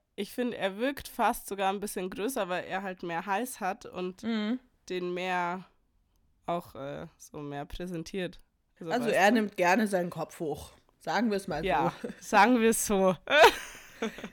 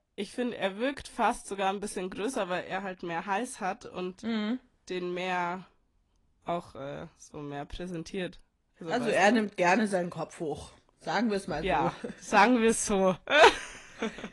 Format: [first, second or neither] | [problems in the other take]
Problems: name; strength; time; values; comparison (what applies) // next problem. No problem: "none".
first | garbled, watery; slightly; nothing above 10.5 kHz